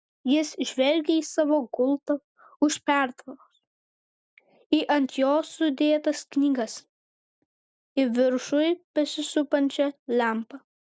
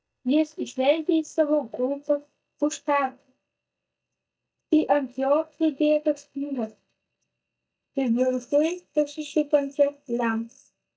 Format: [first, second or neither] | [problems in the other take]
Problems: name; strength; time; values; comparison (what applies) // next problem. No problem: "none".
first | noise reduction (neural mask model DeepFilterNet 3)